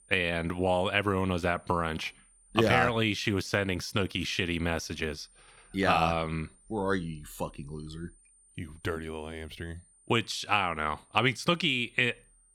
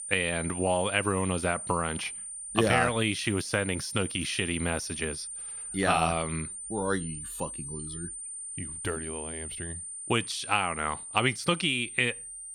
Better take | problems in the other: first | high-pitched whine; loud; throughout; 9 kHz, 7 dB below the speech; faint in the first

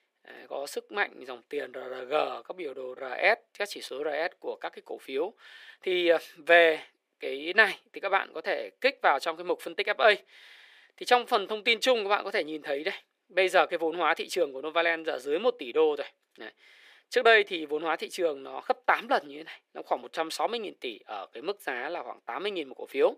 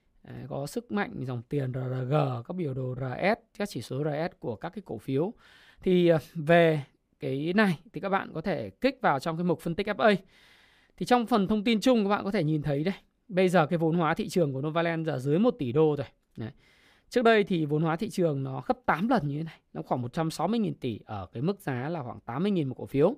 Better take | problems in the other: second | thin; very; fading below 400 Hz

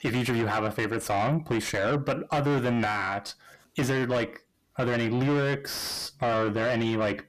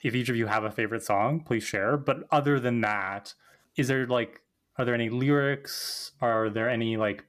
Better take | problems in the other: second | distortion; heavy; 7 dB below the speech

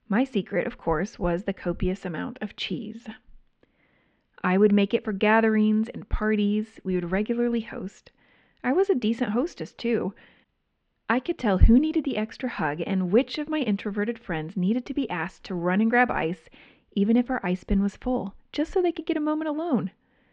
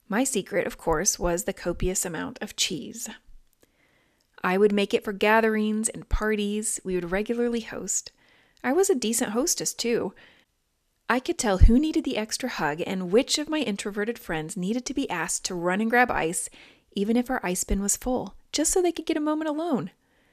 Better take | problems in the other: second | muffled; very; fading above 3 kHz

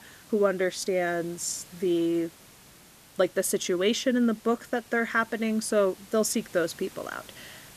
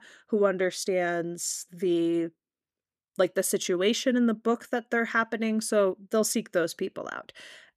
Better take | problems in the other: second | hiss; faint; throughout; 20 dB below the speech

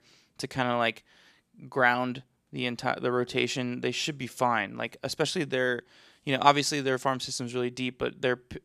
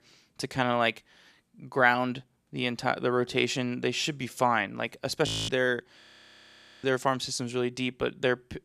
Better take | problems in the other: first | audio freezing; at 5.5 s and at 6 s for 1 s

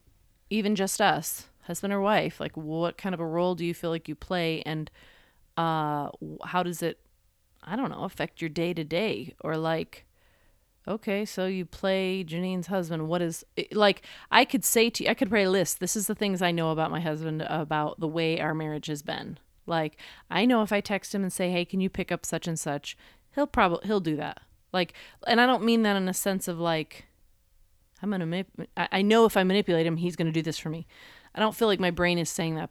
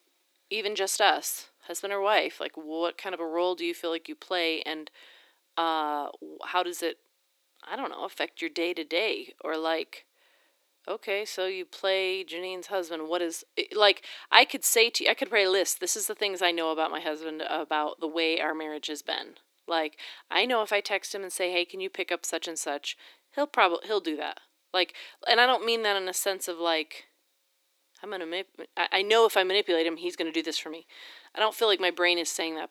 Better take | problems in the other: first | thin; very; fading below 300 Hz

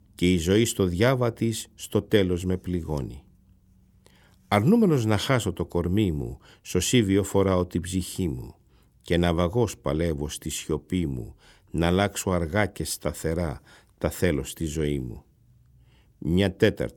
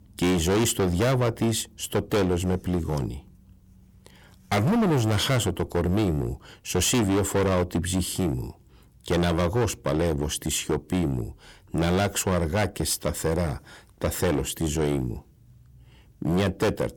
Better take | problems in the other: first | distortion; heavy; 15% of the sound clipped

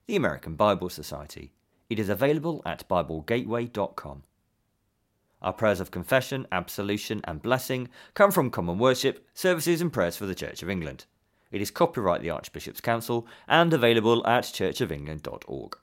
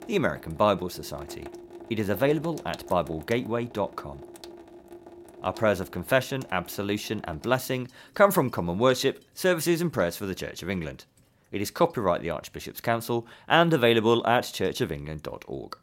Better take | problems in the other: first | household noises; noticeable; throughout; 20 dB below the speech

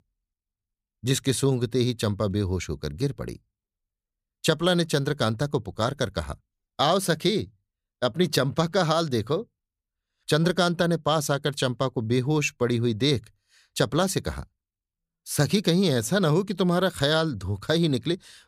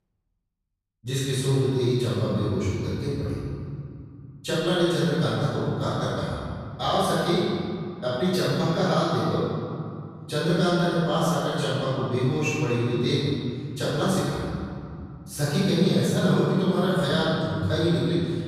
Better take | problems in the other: first | off-mic speech; far // room echo; strong; dies away in 2.5 s

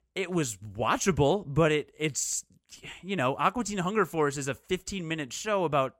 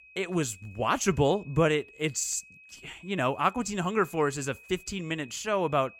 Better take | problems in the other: first | high-pitched whine; faint; throughout; 2.5 kHz, 20 dB below the speech

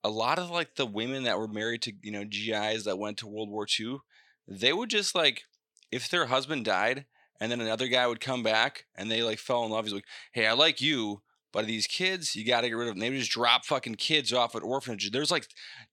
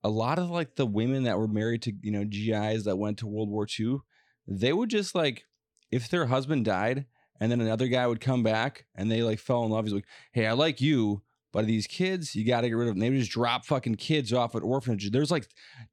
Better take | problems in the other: second | thin; somewhat; fading below 1 kHz

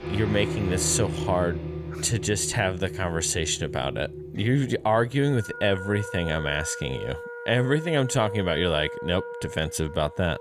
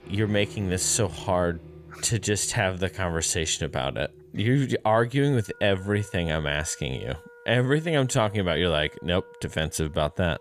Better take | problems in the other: second | background music; loud; throughout; 9 dB below the speech; faint in the second

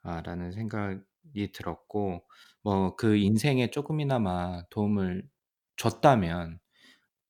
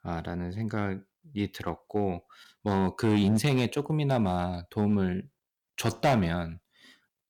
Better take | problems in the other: first | distortion; slight; 4% of the sound clipped

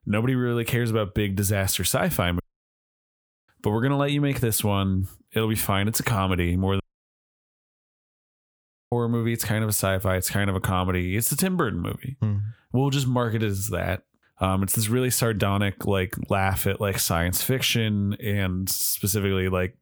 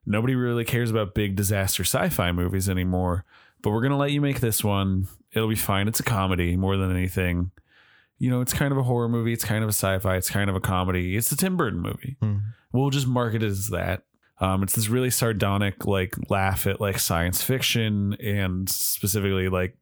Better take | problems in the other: second | audio cutting out; at 2.5 s for 1 s and at 7 s for 2 s

